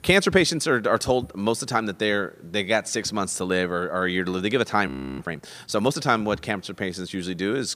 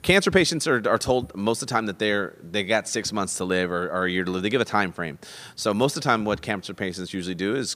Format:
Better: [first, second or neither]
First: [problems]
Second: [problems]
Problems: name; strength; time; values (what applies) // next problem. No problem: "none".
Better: second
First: audio freezing; at 5 s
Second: none